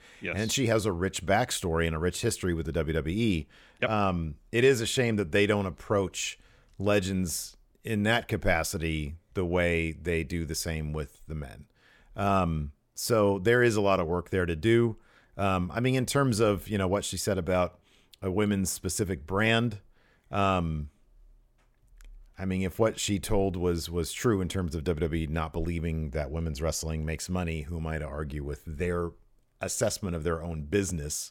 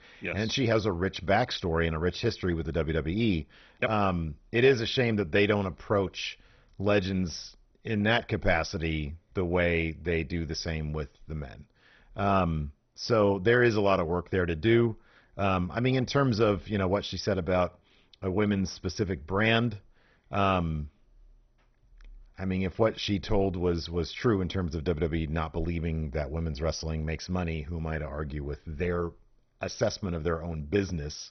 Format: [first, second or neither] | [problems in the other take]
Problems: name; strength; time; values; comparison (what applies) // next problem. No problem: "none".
first | garbled, watery; badly; nothing above 6 kHz